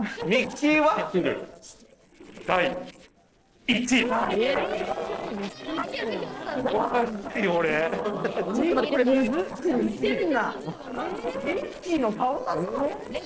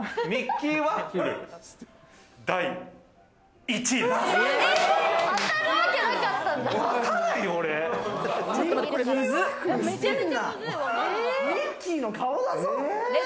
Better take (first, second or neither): second